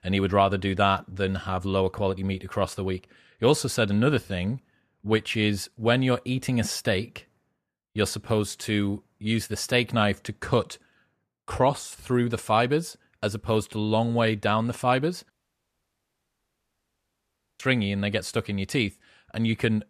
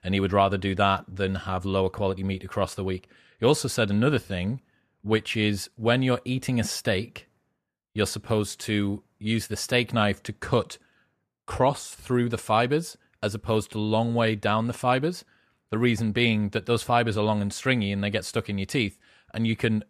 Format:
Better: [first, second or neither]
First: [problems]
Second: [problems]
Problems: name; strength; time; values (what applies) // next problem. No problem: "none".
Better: second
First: audio cutting out; at 15 s for 2.5 s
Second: none